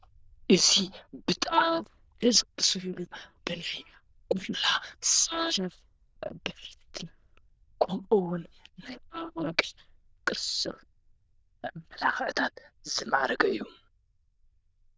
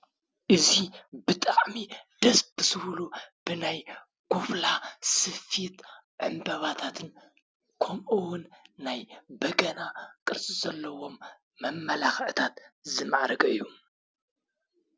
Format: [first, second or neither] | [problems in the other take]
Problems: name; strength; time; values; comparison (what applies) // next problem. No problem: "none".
second | noise reduction (neural diffusion model UNIVERSE++)